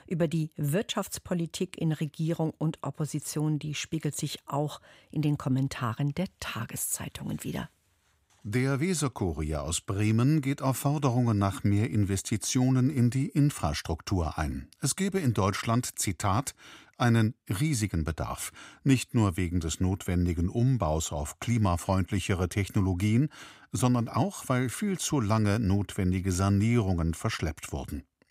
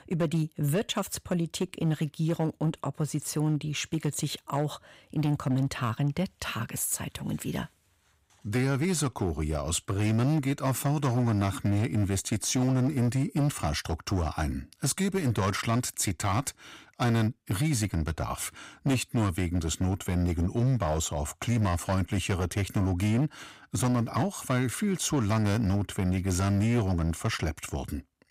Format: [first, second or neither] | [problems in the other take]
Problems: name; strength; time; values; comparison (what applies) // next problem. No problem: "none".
first | distortion; slight; 10% of the sound clipped